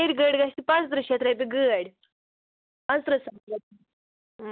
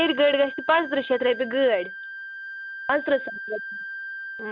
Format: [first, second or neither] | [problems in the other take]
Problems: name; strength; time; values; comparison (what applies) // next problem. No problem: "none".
first | background sound (Wind instrument, woodwind instrument); 11 dB below the speech